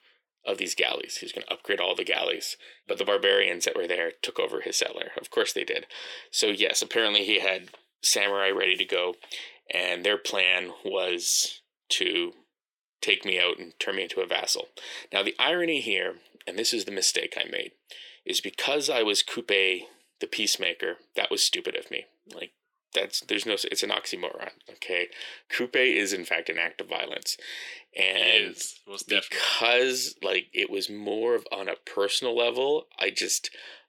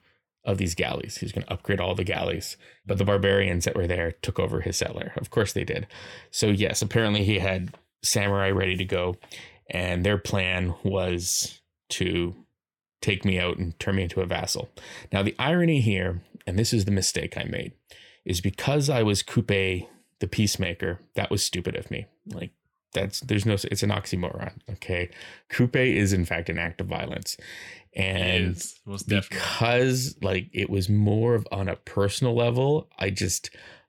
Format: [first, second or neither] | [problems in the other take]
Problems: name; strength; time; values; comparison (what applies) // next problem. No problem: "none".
second | thin; very; fading below 350 Hz